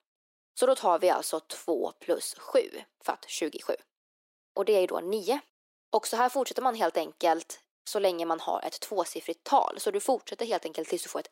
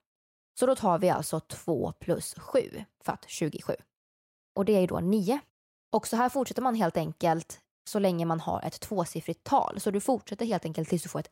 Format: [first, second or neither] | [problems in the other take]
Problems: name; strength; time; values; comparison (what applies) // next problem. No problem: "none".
second | thin; somewhat; fading below 300 Hz